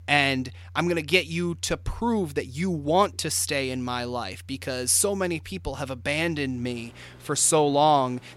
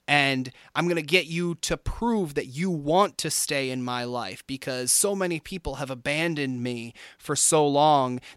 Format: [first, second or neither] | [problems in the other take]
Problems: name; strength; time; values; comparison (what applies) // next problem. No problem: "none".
second | household noises; faint; throughout; 20 dB below the speech